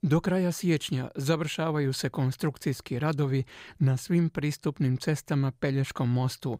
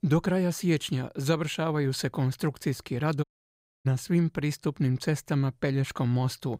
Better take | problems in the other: first | audio cutting out; at 3 s for 0.5 s

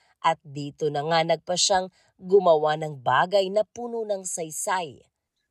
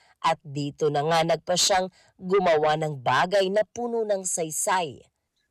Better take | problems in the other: first | distortion; heavy; 8 dB below the speech

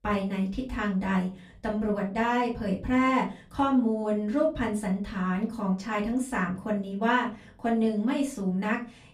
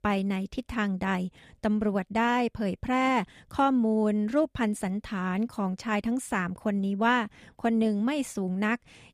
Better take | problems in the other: second | off-mic speech; far // room echo; very slight; dies away in 0.3 s

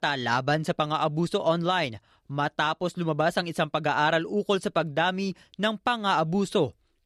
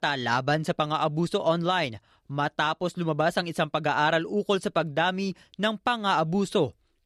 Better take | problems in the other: neither | none

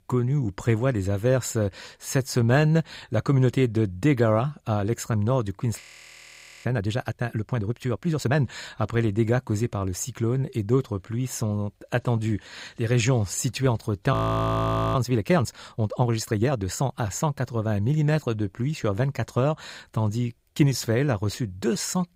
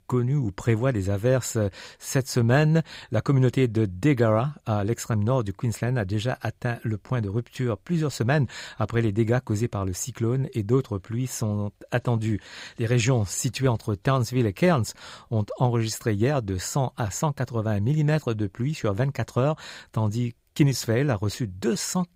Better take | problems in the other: second | audio freezing; at 6 s for 1 s and at 14 s for 1 s

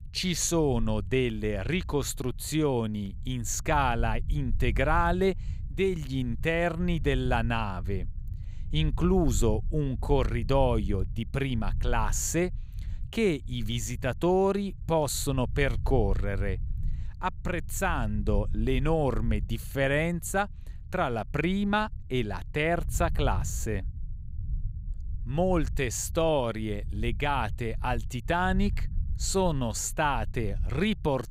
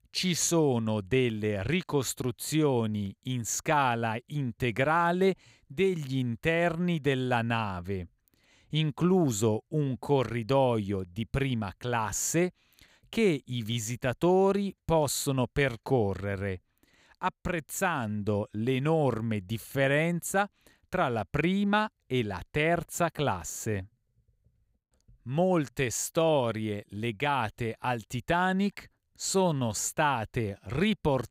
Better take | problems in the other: second | low rumble; faint; throughout; 25 dB below the speech

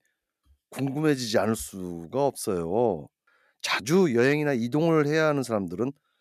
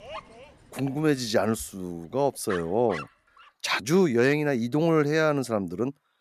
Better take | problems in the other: first | animal sounds; noticeable; throughout; 15 dB below the speech

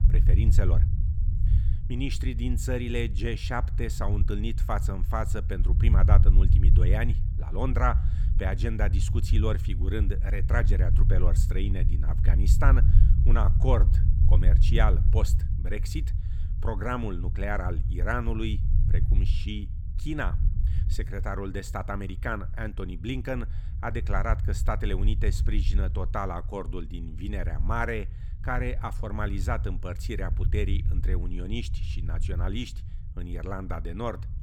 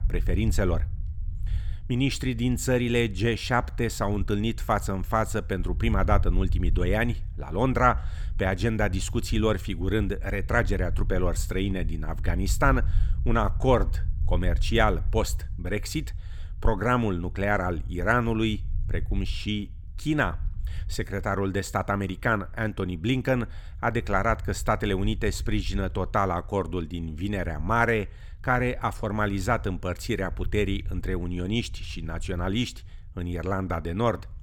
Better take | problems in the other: second | low rumble; loud; throughout; 10 dB below the speech; faint in the second

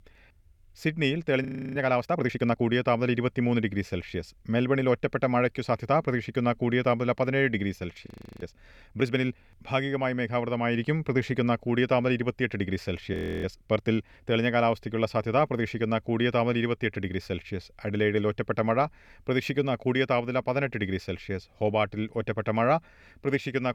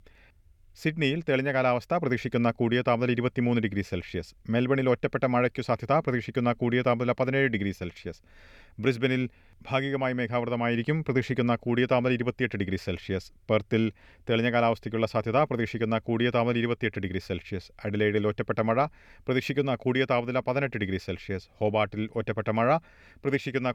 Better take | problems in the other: second | audio freezing; at 1.5 s, at 8 s and at 13 s

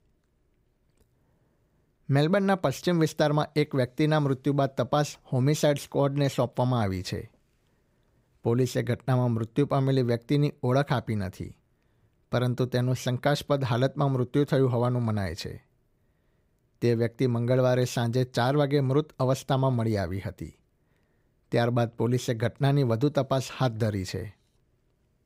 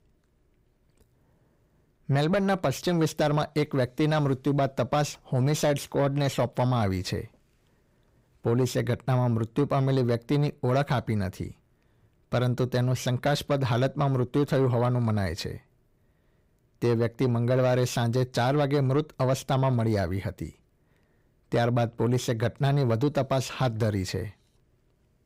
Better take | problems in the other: first | distortion; slight; 10 dB below the speech

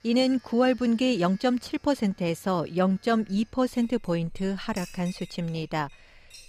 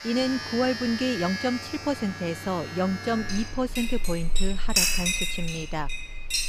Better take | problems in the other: first | household noises; loud; throughout; 1 dB below the speech; faint in the first

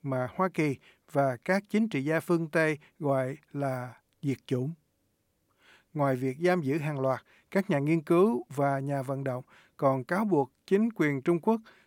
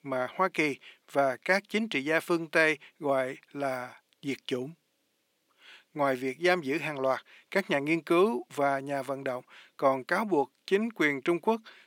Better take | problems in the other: first | thin; very slightly; fading below 300 Hz

